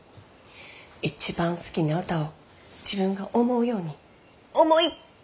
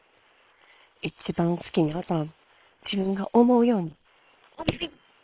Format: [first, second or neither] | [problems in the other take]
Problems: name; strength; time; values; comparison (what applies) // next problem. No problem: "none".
first | noise reduction (neural separator model SepFormer WHAM!)